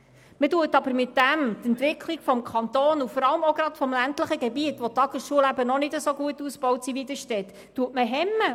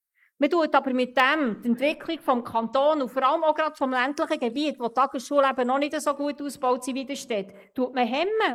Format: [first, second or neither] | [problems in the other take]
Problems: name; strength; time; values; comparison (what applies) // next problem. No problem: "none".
first | noise reduction (neural mask model Resemble Enhance denoiser)